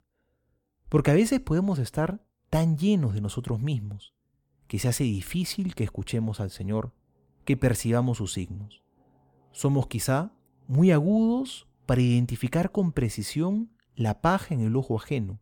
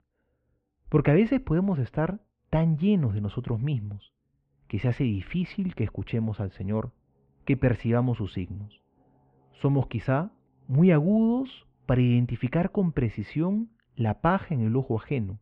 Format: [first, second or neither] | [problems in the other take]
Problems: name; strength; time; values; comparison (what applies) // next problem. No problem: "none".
first | muffled; very; fading above 2.5 kHz